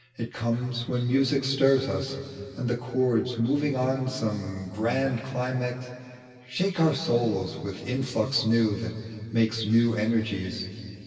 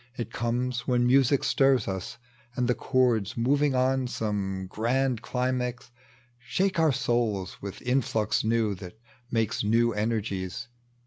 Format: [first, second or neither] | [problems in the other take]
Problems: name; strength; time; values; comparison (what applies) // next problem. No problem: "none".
second | room echo; dies away in 2.6 s